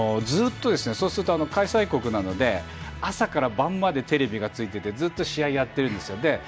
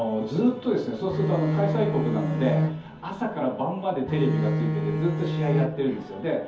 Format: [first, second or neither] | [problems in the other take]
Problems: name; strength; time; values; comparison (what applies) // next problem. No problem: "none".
first | background sound (Bowed string instrument); as loud as the speech // room echo; dies away in 0.5 s